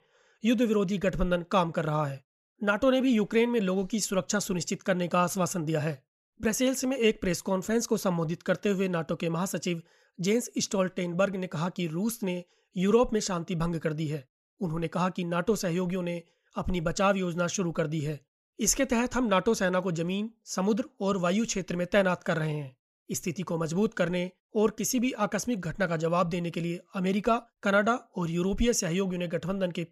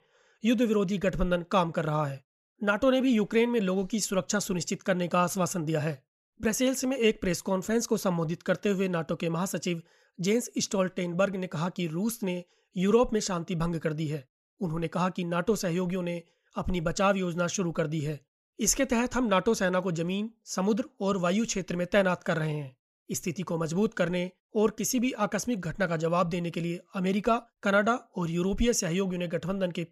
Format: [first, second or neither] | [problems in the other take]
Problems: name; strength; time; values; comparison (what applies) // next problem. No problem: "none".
neither | none